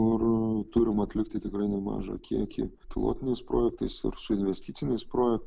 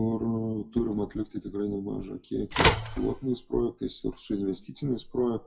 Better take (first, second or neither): first